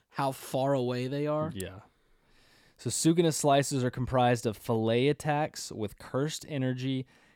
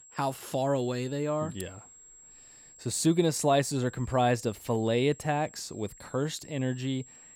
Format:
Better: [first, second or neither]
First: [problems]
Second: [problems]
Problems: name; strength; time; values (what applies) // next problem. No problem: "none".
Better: first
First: none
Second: high-pitched whine; faint; throughout; 7.5 kHz, 20 dB below the speech